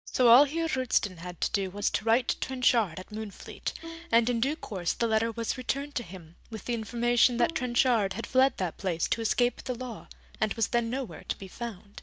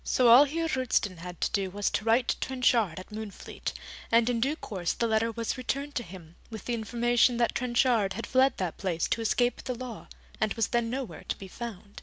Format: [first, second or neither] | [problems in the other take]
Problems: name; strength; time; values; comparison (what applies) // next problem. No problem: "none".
second | noise reduction (neural mask model DeepFilterNet 3)